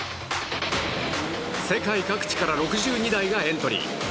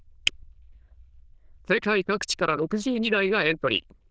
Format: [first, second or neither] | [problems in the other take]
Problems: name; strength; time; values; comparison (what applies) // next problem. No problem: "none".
first | noise reduction (neural diffusion model UNIVERSE++)